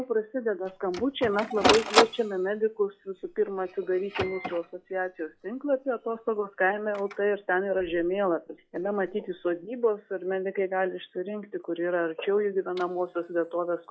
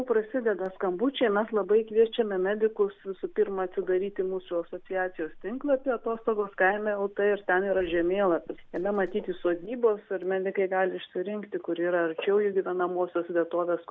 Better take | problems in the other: second | noise reduction (classical method log-MMSE)

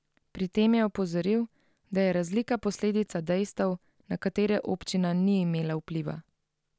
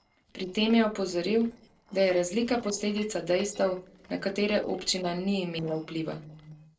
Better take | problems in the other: first | noise reduction (neural separator model SepFormer DNS4)

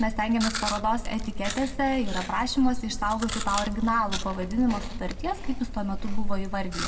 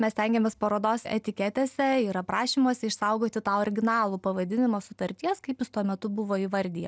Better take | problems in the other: second | background sound (Chewing, mastication); 2 dB below the speech // room echo; dies away in 1.4 s

